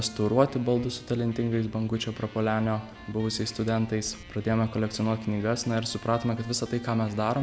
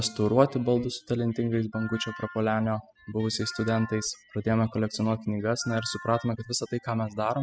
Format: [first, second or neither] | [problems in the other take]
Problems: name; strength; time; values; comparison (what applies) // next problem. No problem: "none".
first | noise reduction (classical method spectral subtraction)